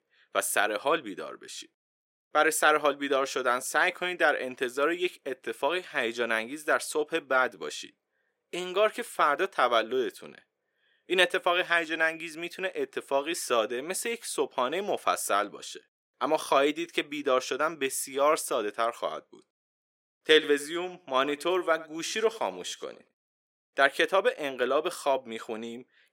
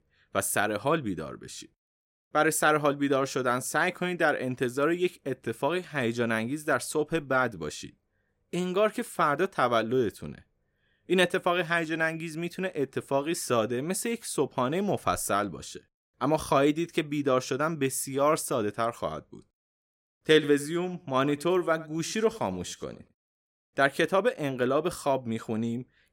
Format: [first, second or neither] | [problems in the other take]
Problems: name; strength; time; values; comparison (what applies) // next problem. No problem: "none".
second | thin; somewhat; fading below 450 Hz